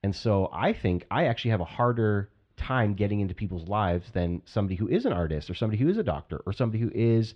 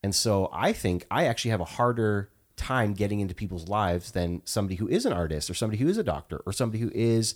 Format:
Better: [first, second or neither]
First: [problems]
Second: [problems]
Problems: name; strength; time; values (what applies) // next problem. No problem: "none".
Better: second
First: muffled; slightly; fading above 3 kHz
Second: none